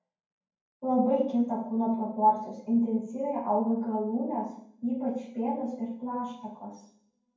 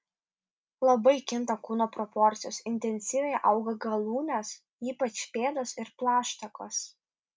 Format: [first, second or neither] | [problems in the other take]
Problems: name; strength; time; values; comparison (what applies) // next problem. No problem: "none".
second | room echo; dies away in 0.9 s